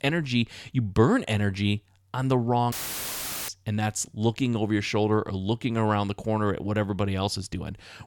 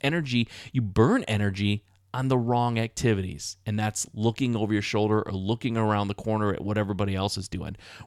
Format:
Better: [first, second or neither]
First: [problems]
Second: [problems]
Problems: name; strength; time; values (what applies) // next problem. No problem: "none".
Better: second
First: audio cutting out; filled with static; at 2.5 s for 1 s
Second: none